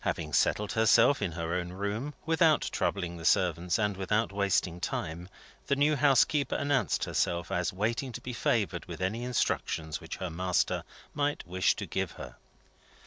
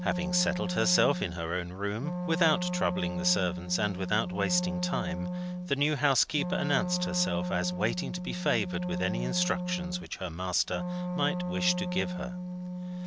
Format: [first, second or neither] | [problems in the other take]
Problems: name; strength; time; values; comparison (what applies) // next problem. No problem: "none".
first | background sound (Wind instrument, woodwind instrument); 2 dB below the speech